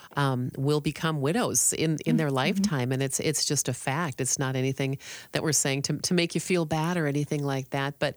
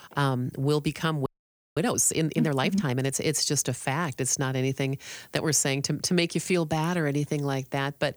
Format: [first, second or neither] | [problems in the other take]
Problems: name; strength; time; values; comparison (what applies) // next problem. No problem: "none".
first | audio freezing; at 1.5 s for 0.5 s